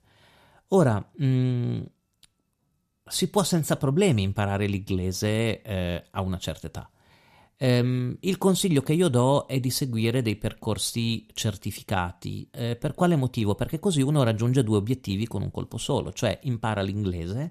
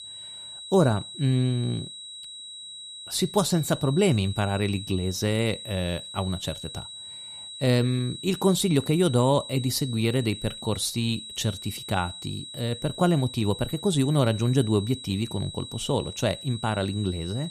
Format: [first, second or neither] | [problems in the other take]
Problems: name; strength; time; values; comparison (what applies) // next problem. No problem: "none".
first | high-pitched whine; noticeable; throughout; 4 kHz, 10 dB below the speech